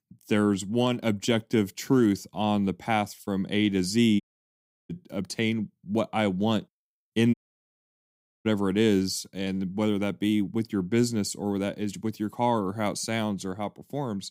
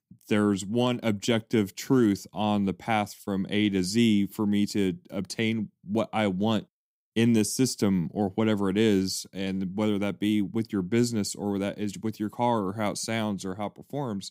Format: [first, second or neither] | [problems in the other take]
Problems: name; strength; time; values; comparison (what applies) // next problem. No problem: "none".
second | audio cutting out; at 4 s for 0.5 s and at 7.5 s for 1 s